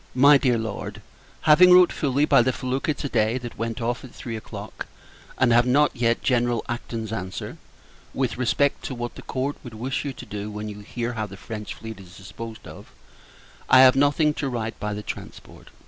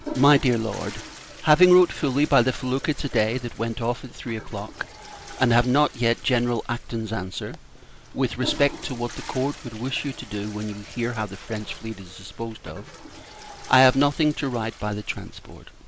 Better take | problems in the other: first | background sound (Toilet flush / Water); 17 dB below the speech

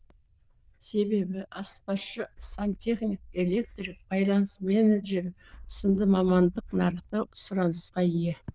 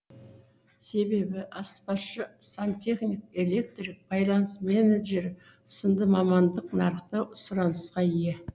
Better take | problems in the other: second | noise reduction (neural diffusion model UNIVERSE++)

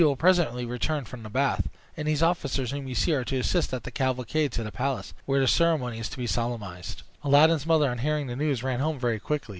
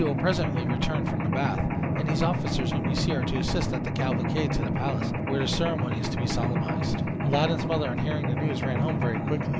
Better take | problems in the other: first | background sound (Mechanisms); 3 dB above the speech

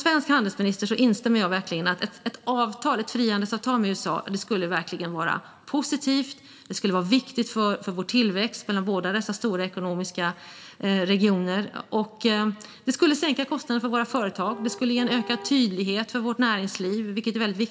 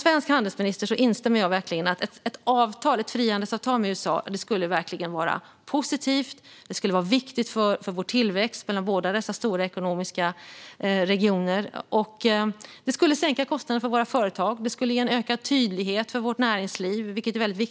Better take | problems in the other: second | background sound (Car); 17 dB below the speech // room echo; dies away in 0.7 s

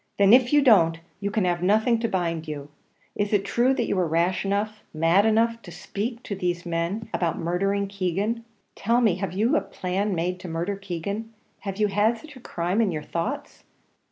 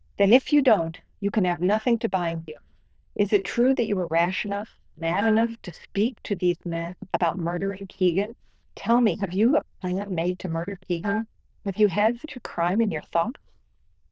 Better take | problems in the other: first | noise reduction (neural diffusion model UNIVERSE++)

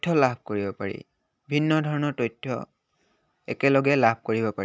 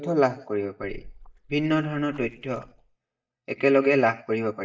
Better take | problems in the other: first | noise reduction (neural mask model DeepFilterNet 3)

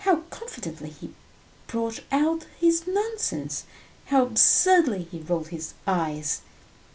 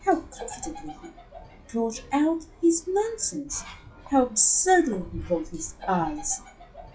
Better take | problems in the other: first | noise reduction (classical method log-MMSE)

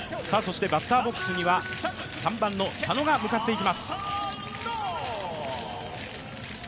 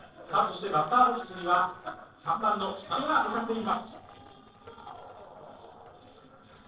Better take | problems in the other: first | noise reduction (neural separator model SepFormer DNS4)

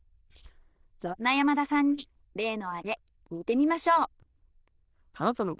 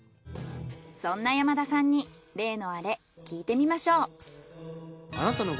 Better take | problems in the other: second | noise reduction (neural diffusion model UNIVERSE++)

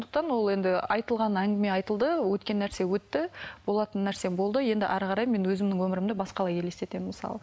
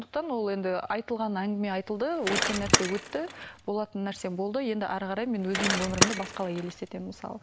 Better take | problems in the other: first | background sound (Bicycle); as loud as the speech

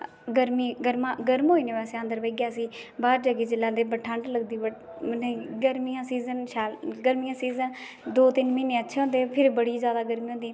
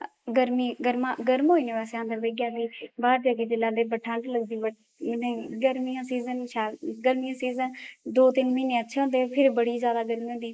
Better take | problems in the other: first | noise reduction (neural mask model Resemble Enhance denoiser)

